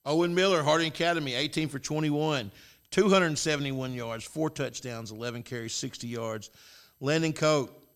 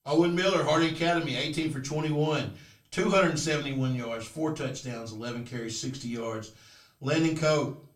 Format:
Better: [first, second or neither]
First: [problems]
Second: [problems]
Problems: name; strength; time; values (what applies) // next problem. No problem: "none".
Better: first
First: none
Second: off-mic speech; far // room echo; very slight; dies away in 0.3 s